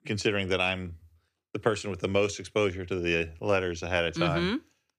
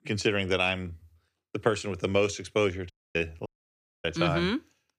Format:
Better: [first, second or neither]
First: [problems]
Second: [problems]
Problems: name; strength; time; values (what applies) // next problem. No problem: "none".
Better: first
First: none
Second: audio cutting out; at 3 s and at 3.5 s for 0.5 s